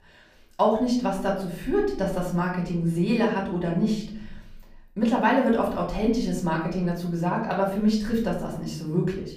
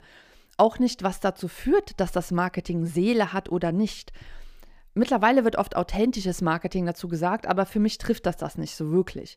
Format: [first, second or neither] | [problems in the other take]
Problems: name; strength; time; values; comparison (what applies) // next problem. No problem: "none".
second | off-mic speech; far // room echo; slight; dies away in 0.7 s